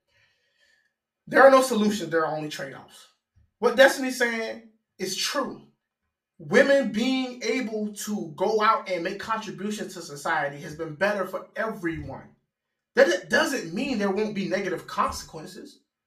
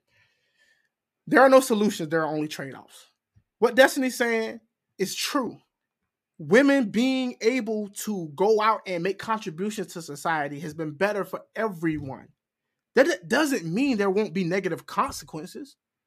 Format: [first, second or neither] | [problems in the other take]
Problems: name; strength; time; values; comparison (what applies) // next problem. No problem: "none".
second | room echo; very slight; dies away in 0.3 s // off-mic speech; far